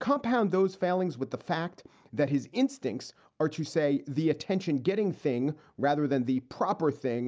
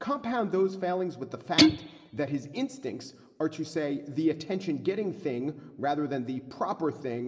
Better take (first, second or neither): first